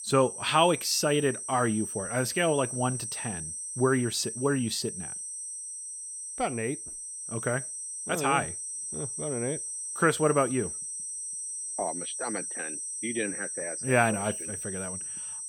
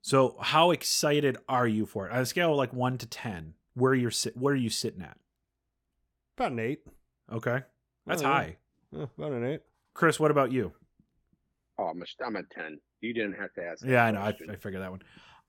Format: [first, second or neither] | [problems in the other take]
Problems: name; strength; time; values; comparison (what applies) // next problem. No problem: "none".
second | high-pitched whine; loud; throughout; 8.5 kHz, 5 dB below the speech